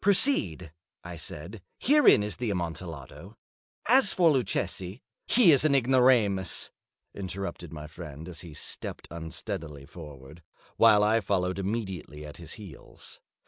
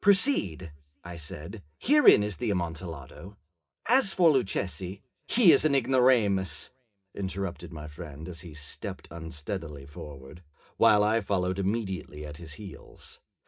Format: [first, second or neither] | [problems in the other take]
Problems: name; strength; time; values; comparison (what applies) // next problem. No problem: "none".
first | room echo; dies away in 0.3 s